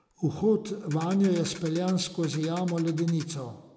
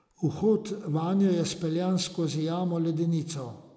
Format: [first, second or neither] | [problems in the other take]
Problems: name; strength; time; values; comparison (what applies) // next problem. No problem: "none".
second | background sound (Ratchet, pawl); 19 dB below the speech